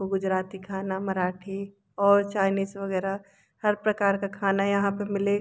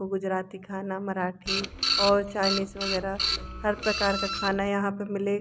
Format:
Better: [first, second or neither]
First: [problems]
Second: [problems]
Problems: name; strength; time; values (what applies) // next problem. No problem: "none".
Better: first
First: none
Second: background sound (Printer); 2 dB below the speech